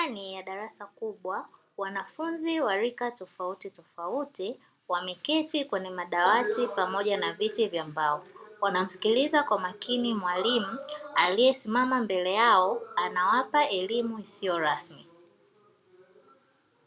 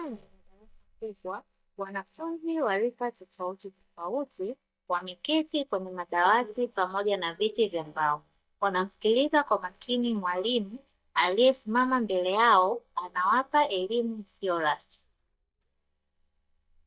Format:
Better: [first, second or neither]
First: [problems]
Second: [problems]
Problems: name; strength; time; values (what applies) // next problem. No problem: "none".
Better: first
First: none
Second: noise reduction (neural mask model DeepFilterNet 3)